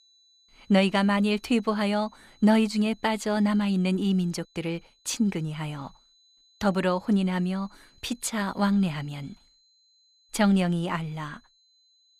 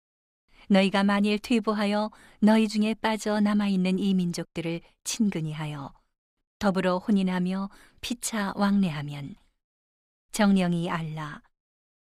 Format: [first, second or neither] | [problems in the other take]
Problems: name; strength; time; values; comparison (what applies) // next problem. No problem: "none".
second | high-pitched whine; faint; throughout; 4 kHz, 35 dB below the speech